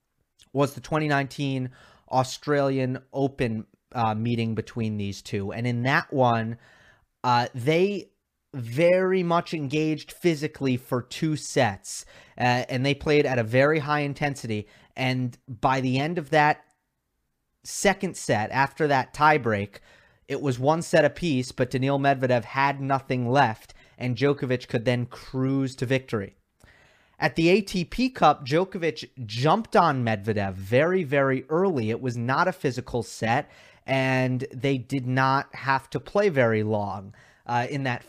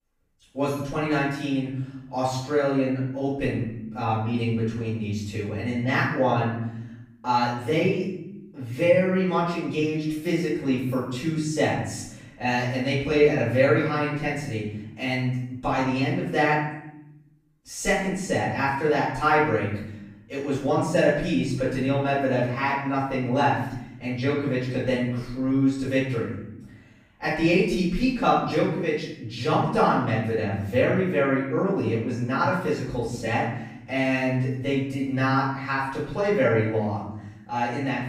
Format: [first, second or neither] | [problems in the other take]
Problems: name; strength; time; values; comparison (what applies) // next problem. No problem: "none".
first | off-mic speech; far // room echo; noticeable; dies away in 0.8 s